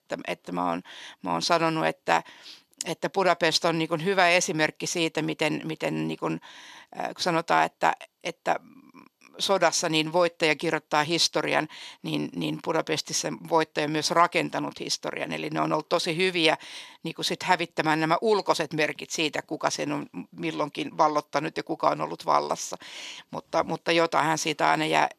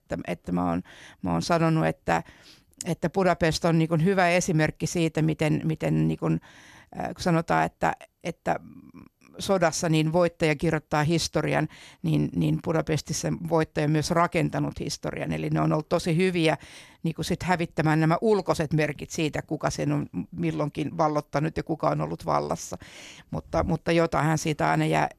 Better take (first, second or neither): second